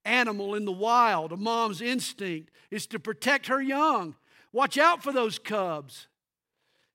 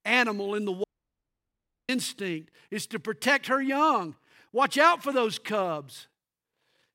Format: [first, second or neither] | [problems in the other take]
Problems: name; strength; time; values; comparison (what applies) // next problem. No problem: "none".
first | audio cutting out; at 1 s for 1 s